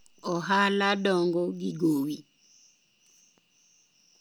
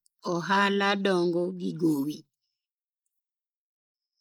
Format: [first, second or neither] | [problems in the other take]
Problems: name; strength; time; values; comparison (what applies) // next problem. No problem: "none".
first | noise reduction (neural mask model Resemble Enhance denoiser)